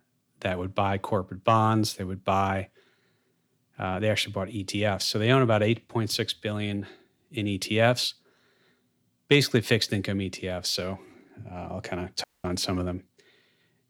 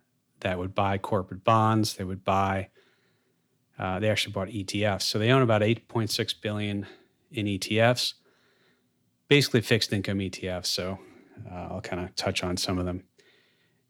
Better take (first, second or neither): second